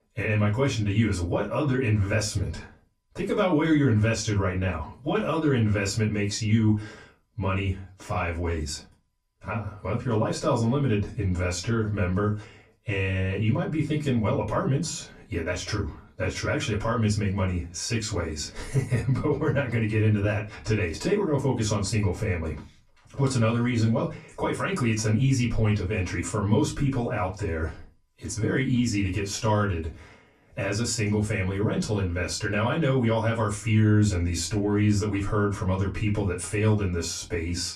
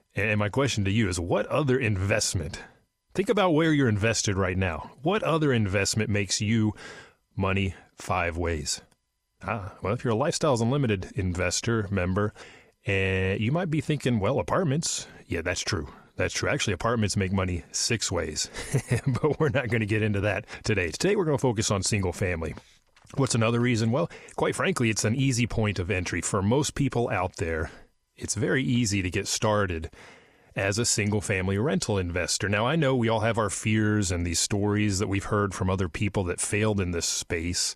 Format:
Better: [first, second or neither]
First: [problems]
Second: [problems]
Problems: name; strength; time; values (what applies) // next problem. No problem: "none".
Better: second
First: off-mic speech; far // room echo; very slight; dies away in 0.3 s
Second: none